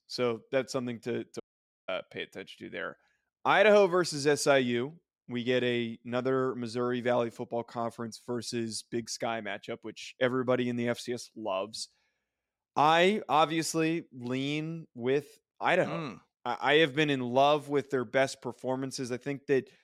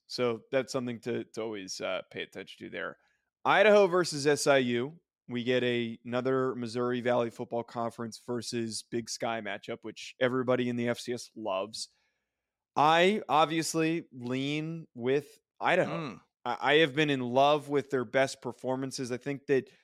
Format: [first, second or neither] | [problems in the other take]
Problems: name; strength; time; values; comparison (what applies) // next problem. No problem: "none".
second | audio cutting out; at 1.5 s